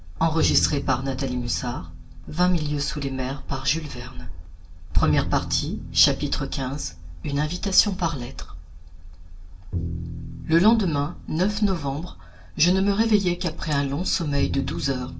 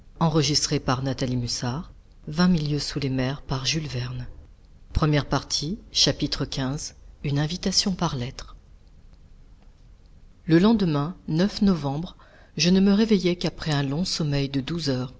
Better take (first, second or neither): second